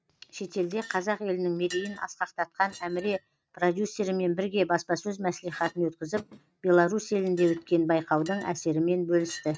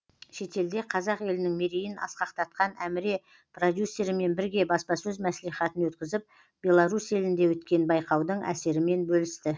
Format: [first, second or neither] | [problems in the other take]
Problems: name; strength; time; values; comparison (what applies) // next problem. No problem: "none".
second | noise reduction (neural mask model RNNoise)